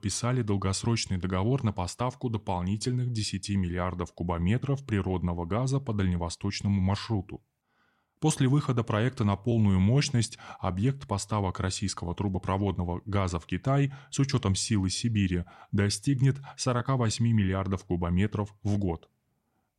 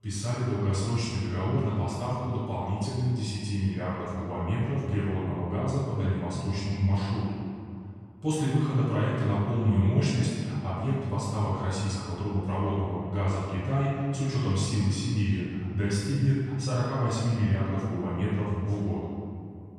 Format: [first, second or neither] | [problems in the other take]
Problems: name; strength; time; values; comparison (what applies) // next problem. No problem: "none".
first | off-mic speech; far // room echo; strong; dies away in 2.2 s